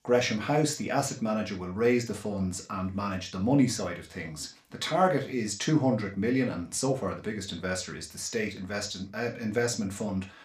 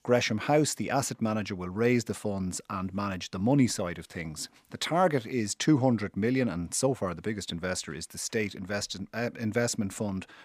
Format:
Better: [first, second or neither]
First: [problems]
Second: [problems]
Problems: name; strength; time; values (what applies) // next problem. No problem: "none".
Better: second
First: room echo; slight; dies away in 0.3 s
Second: none